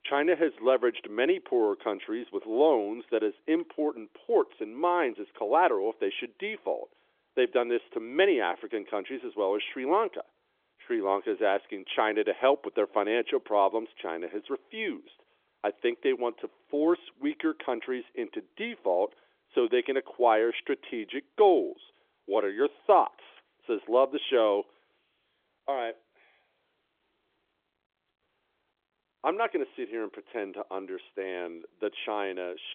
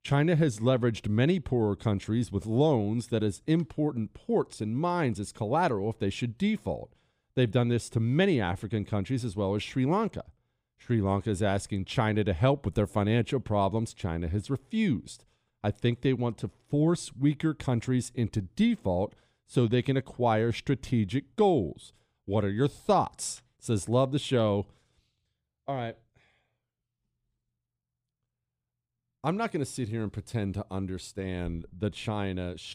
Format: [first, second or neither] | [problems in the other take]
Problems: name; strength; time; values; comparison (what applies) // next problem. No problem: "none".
second | phone-call audio; nothing above 3.5 kHz